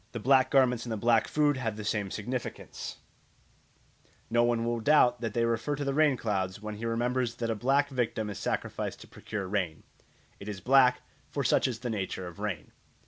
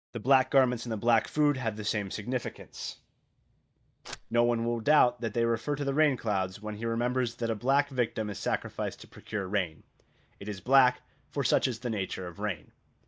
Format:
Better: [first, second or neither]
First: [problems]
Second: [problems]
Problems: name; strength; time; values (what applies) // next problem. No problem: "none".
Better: first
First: none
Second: noise reduction (neural mask model DeepFilterNet 3)